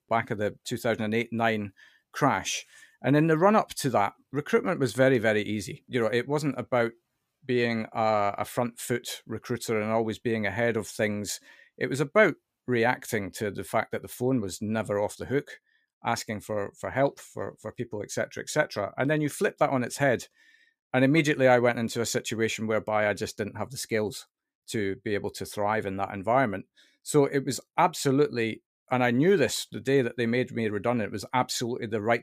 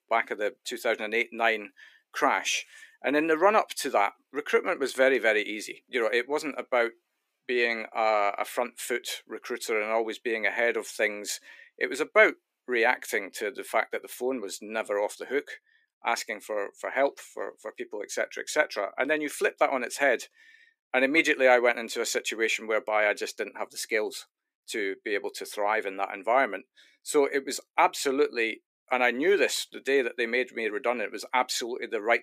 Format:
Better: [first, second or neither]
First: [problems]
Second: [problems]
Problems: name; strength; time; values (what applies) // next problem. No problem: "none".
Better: first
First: none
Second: thin; somewhat; fading below 300 Hz